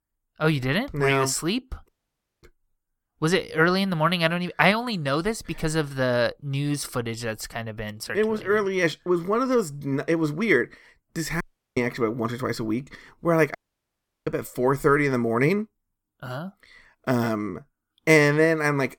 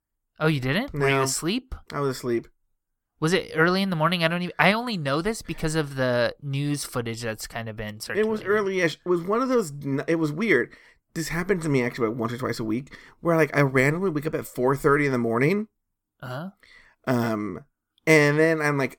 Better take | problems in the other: second | audio cutting out; at 2 s for 0.5 s, at 11 s and at 14 s for 0.5 s

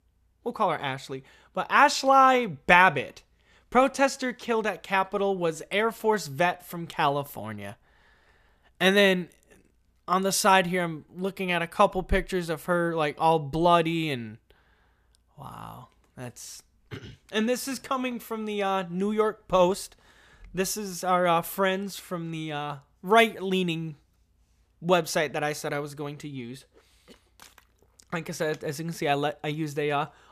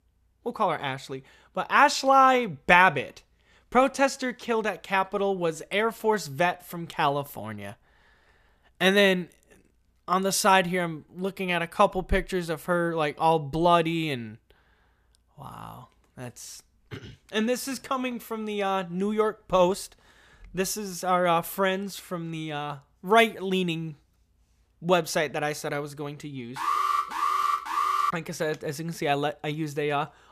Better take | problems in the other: first | alarm; loud; from 27 to 28 s; peak 1 dB above the speech

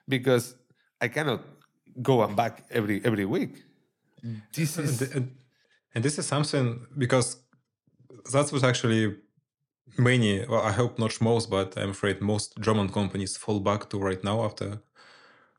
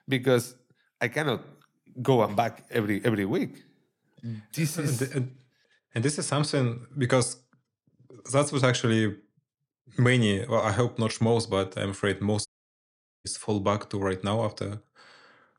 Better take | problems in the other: first | audio cutting out; at 12 s for 1 s

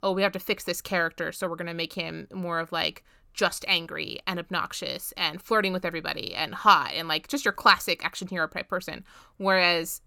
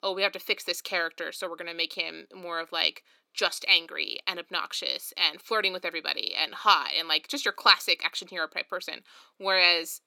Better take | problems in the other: first | thin; somewhat; fading below 300 Hz

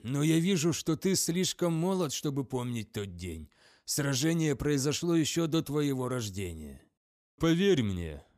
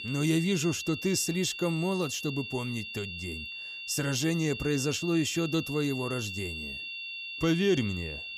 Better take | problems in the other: first | high-pitched whine; loud; throughout; 2.5 kHz, 7 dB below the speech

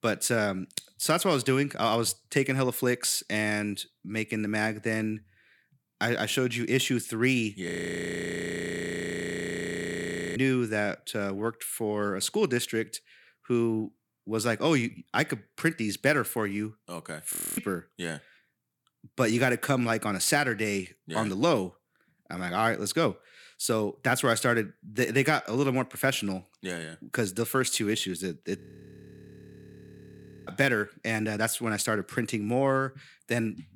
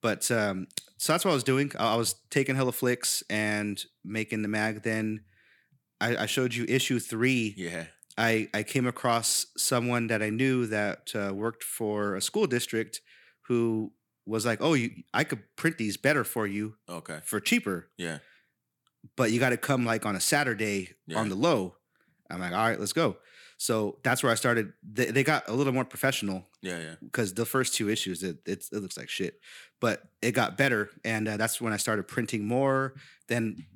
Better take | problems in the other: second | audio freezing; at 7.5 s for 2.5 s, at 17 s and at 29 s for 2 s

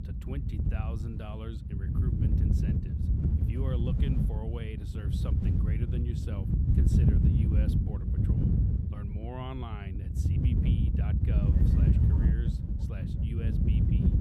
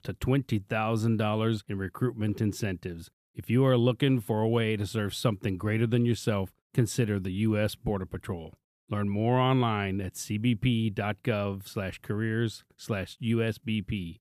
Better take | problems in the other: second | wind noise on the microphone; heavy; 5 dB above the speech

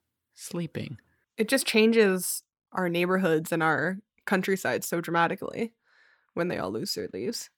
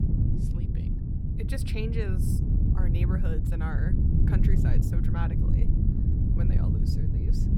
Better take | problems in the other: first | wind noise on the microphone; heavy; 2 dB above the speech

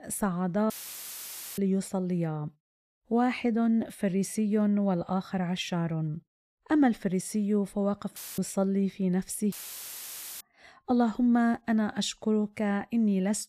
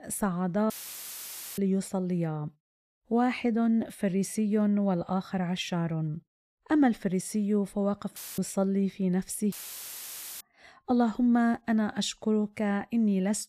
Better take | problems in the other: neither | audio cutting out; filled with static; at 0.5 s for 1 s, at 8 s and at 9.5 s for 1 s; the same in both

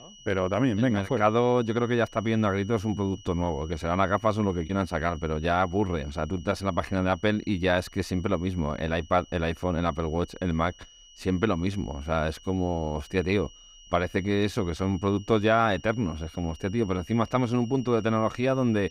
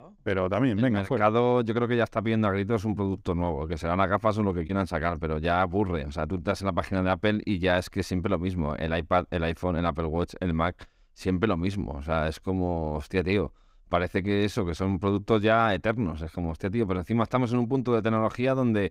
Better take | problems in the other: second | high-pitched whine; faint; throughout; 3 kHz, 25 dB below the speech

